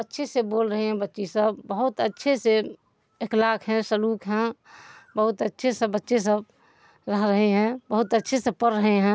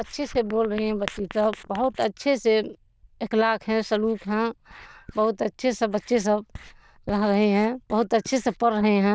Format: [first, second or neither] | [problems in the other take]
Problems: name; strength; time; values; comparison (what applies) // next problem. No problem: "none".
first | noise reduction (neural diffusion model UNIVERSE++)